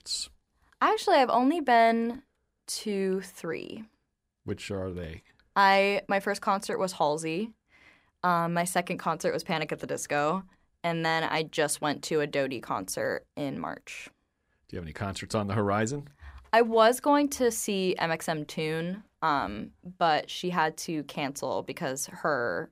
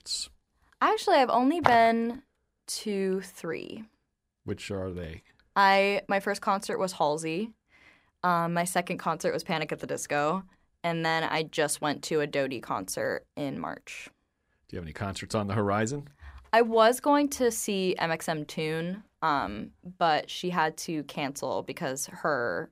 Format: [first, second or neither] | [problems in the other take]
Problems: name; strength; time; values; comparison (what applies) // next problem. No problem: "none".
first | footsteps; noticeable; at 1.5 s; peak 1 dB below the speech